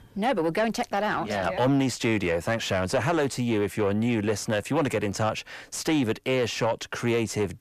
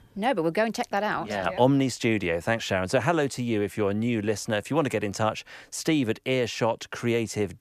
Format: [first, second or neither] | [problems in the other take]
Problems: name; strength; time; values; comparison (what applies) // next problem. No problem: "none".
second | distortion; slight; 10 dB below the speech